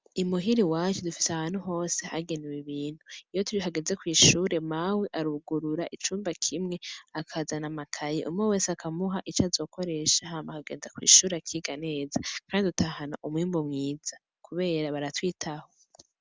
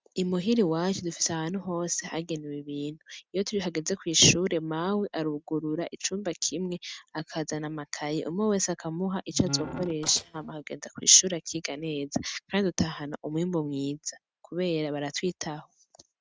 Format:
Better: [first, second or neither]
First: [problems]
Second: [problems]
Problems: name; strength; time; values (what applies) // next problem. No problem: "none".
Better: first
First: none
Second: noise reduction (neural mask model RNNoise)